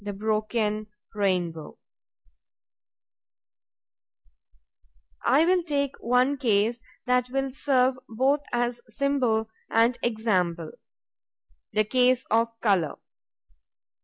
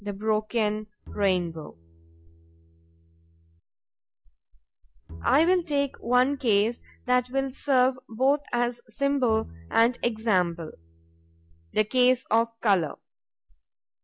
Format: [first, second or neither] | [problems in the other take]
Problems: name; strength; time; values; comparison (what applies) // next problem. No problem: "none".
first | background sound (Bowed string instrument); 19 dB below the speech